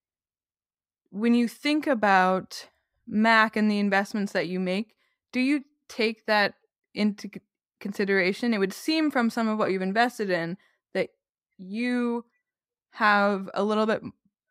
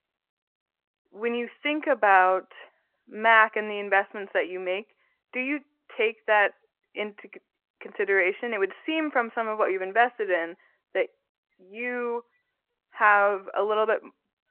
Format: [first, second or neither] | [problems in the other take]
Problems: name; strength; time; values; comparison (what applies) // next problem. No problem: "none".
first | phone-call audio